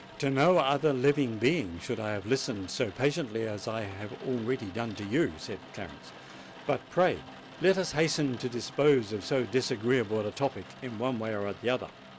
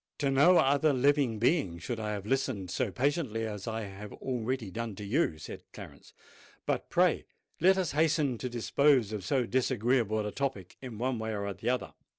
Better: second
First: background sound (Rain); 18 dB below the speech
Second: none

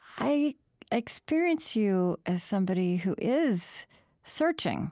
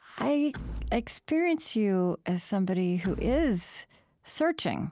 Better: first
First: none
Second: background sound (Door / Wood); 12 dB below the speech

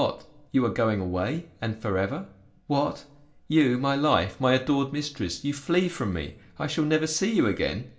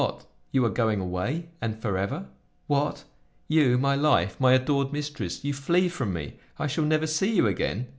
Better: second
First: room echo; dies away in 0.3 s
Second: none

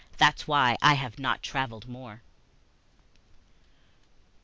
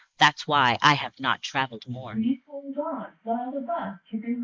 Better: first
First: none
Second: noise reduction (neural mask model Resemble Enhance denoiser)

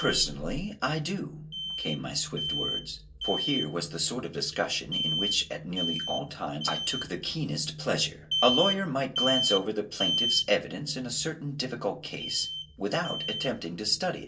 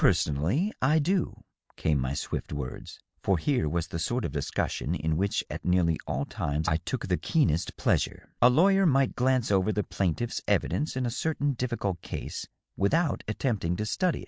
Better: second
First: background sound (Alarm); 3 dB below the speech // room echo; dies away in 0.2 s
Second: none

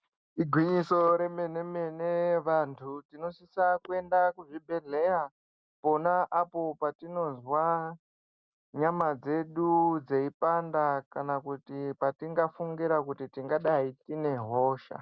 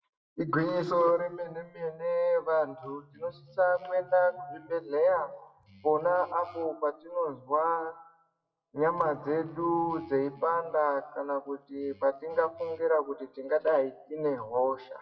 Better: first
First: none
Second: noise reduction (classical method WPE with log-MMSE)

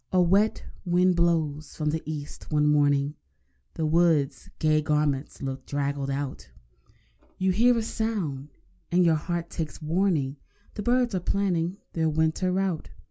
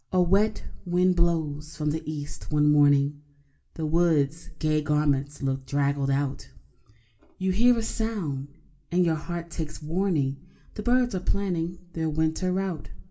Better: first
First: none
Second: room echo; dies away in 0.3 s

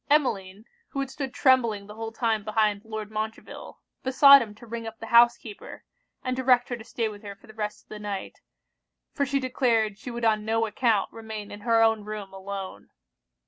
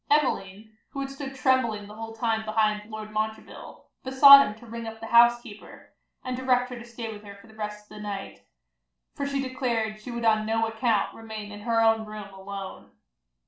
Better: first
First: none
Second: room echo; dies away in 0.4 s

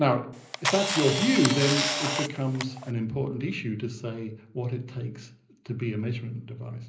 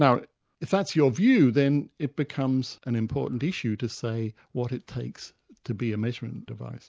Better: second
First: background sound (Camera); 1 dB below the speech // room echo; dies away in 0.5 s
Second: none

